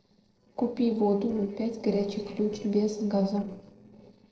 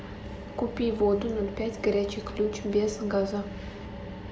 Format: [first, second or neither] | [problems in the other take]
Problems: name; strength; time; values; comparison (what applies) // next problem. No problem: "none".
second | noise reduction (neural separator model SepFormer DNS4)